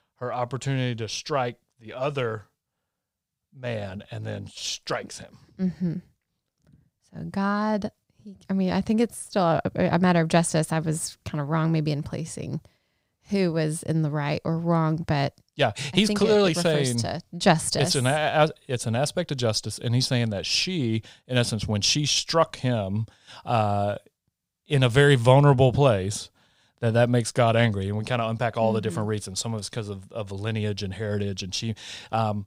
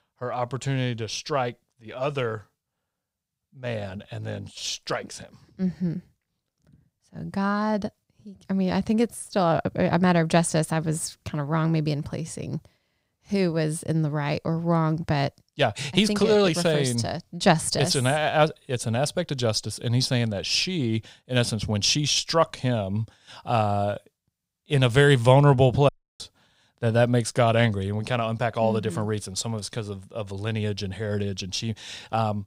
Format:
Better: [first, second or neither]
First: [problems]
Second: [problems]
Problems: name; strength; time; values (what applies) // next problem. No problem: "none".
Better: first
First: none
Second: audio cutting out; at 26 s